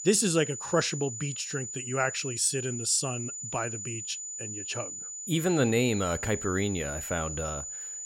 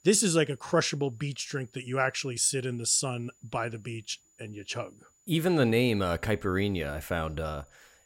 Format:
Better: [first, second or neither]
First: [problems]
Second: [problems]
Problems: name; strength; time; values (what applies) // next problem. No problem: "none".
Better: second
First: high-pitched whine; loud; throughout; 7 kHz, 6 dB below the speech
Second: high-pitched whine; faint; throughout; 7 kHz, 35 dB below the speech